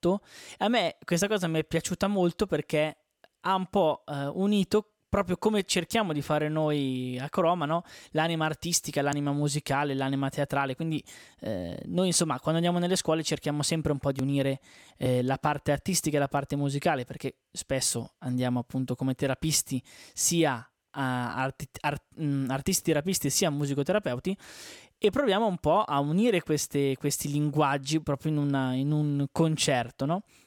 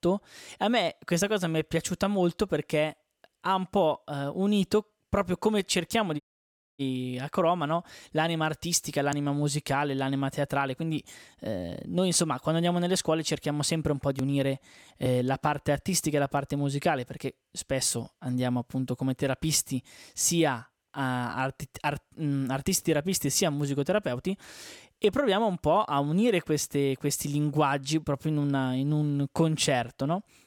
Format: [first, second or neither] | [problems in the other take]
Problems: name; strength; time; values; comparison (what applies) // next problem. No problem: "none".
first | audio cutting out; at 6 s for 0.5 s